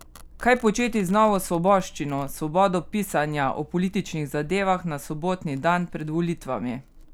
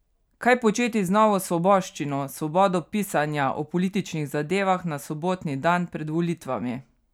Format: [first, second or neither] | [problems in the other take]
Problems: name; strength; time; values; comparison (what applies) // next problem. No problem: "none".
second | background sound (Domestic sounds, home sounds); 18 dB below the speech